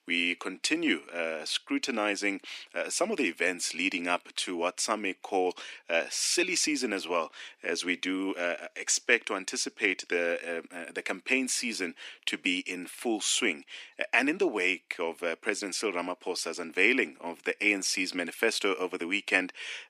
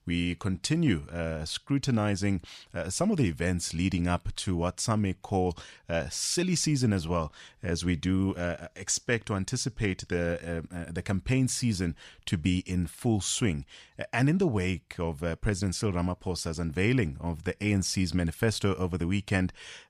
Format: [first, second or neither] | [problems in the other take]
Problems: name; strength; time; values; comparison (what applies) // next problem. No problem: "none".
second | thin; somewhat; fading below 300 Hz